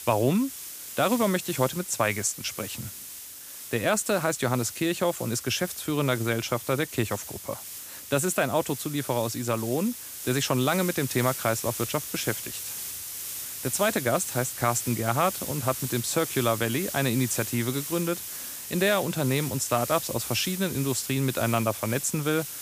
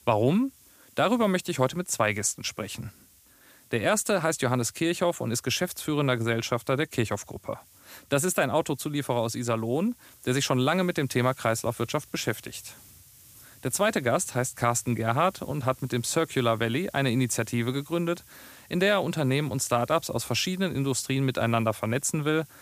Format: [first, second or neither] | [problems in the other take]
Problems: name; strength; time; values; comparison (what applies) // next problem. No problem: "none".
second | hiss; loud; throughout; 7 dB below the speech; faint in the second